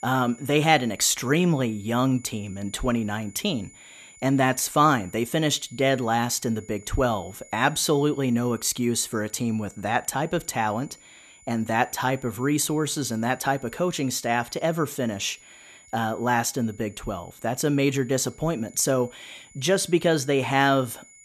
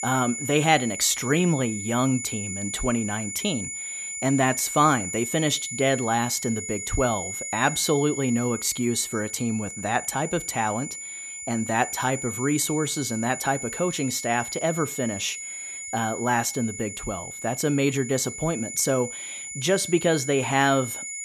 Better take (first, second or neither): first